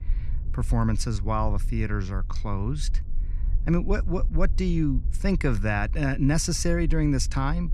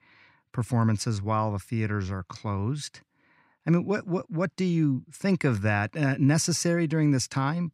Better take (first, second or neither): second